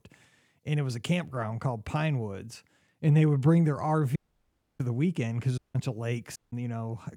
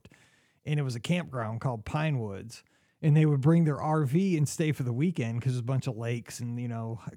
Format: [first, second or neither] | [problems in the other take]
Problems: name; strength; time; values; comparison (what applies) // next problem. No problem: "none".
second | audio cutting out; at 4 s for 0.5 s, at 5.5 s and at 6.5 s